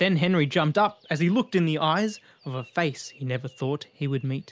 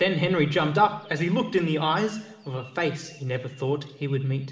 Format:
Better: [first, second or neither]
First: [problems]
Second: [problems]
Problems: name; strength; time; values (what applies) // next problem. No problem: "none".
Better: first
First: none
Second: room echo; dies away in 0.8 s